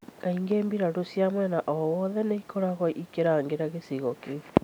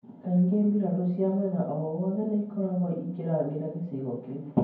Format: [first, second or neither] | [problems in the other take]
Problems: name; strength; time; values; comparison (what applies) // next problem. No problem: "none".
first | room echo; dies away in 0.9 s